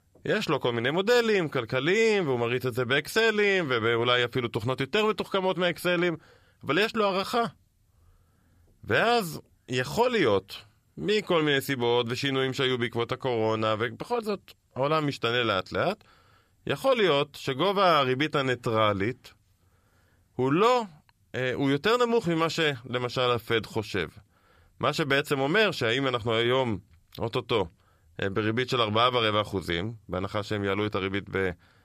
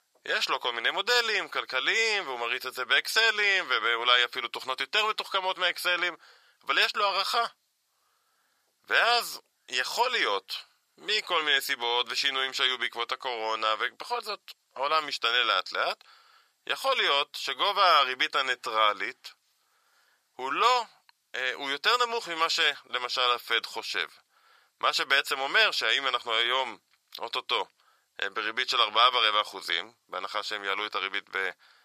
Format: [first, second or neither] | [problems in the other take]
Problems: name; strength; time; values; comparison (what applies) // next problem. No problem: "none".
first | thin; very; fading below 950 Hz